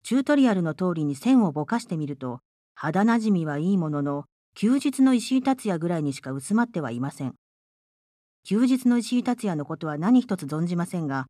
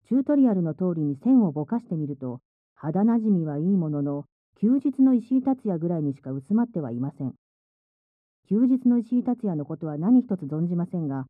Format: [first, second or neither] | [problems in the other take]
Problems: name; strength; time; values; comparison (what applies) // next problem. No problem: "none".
first | muffled; very; fading above 1.5 kHz